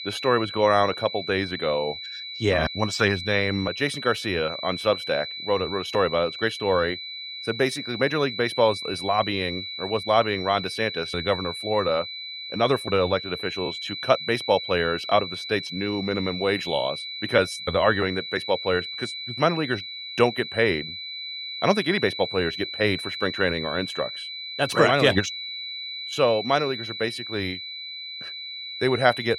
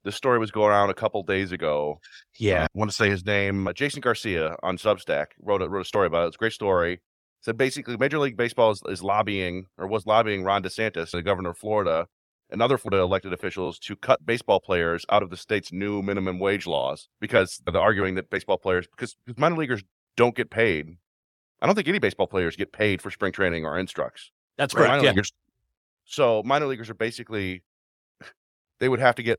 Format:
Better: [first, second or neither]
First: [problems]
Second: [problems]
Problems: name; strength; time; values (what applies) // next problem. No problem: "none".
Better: second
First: high-pitched whine; loud; throughout; 4 kHz, 7 dB below the speech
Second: none